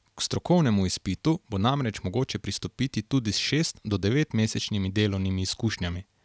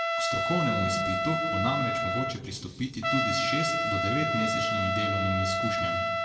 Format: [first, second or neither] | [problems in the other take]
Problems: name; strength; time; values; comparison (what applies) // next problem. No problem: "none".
first | background sound (Trumpet); 3 dB above the speech // room echo; dies away in 1.6 s